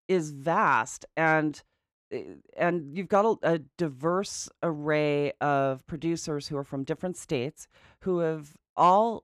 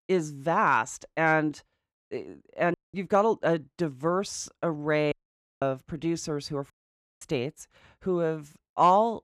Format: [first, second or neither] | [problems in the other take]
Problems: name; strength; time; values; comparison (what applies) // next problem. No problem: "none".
first | audio cutting out; at 2.5 s, at 5 s for 0.5 s and at 6.5 s for 0.5 s